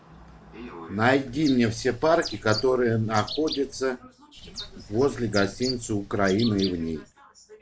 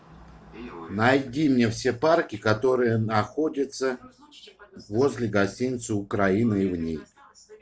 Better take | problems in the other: second | background sound (Bird); 13 dB below the speech

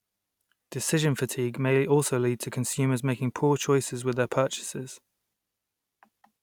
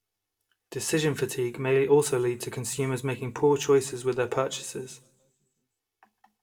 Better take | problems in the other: first | room echo; dies away in 0.7 s

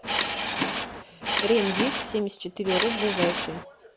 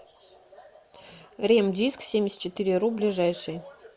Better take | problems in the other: second | background sound (Subway, metro, underground / Engine); as loud as the speech

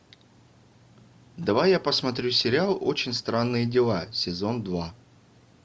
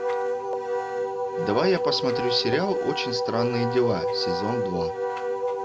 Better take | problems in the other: first | background sound (Wind instrument, woodwind instrument); 1 dB above the speech

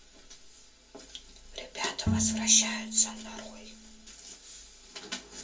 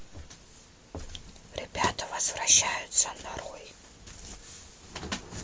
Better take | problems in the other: second | background sound (Bowed string instrument); 1 dB below the speech // room echo; dies away in 0.2 s

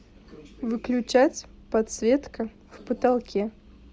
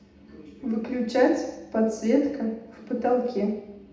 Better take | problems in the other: first | room echo; dies away in 0.8 s

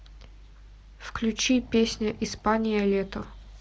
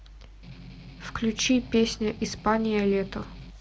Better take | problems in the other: first | background sound (Strum); 18 dB below the speech

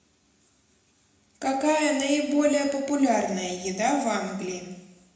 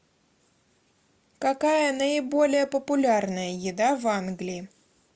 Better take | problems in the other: second | room echo; dies away in 0.9 s

